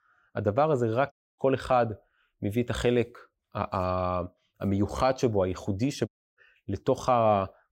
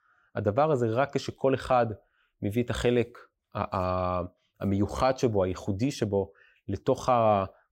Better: second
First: audio cutting out; at 1 s and at 6 s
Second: none

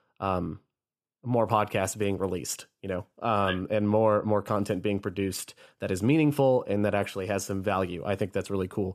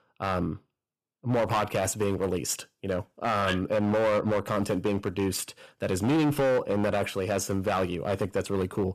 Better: first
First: none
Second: distortion; heavy; 10% of the sound clipped

